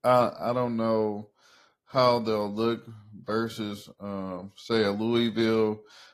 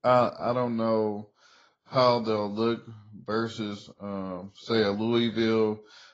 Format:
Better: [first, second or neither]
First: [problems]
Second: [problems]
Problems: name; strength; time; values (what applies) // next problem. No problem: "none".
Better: first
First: garbled, watery; slightly; nothing above 14 kHz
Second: garbled, watery; badly